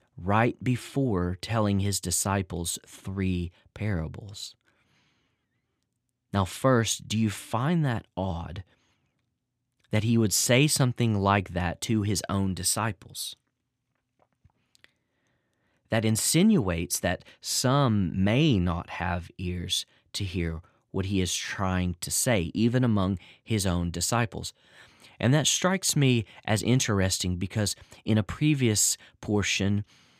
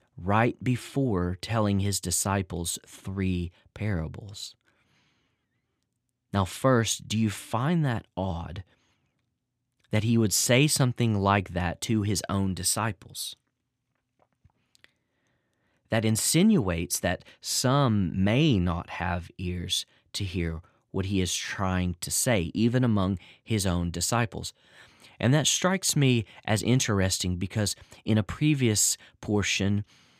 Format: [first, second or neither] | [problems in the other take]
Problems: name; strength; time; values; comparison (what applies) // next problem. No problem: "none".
neither | none